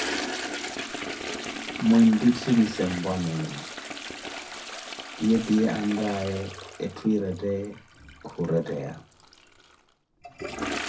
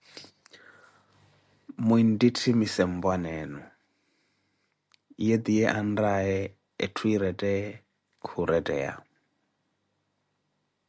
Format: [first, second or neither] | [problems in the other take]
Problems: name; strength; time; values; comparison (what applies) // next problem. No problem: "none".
second | background sound (Toilet flush); 9 dB below the speech // room echo; dies away in 0.3 s